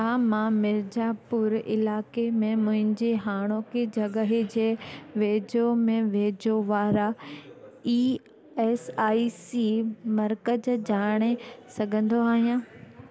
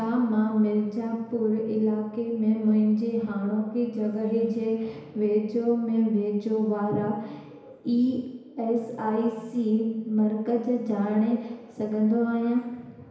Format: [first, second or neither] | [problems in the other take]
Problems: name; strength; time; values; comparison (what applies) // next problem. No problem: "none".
first | room echo; dies away in 1 s